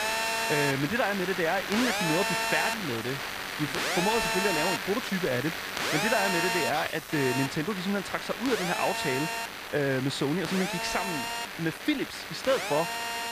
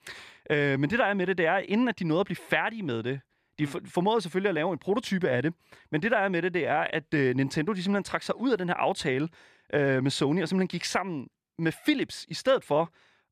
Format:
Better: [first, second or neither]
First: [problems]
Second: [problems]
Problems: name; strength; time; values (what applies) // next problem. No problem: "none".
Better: second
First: alarms or sirens; loud; throughout; as loud as the speech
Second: none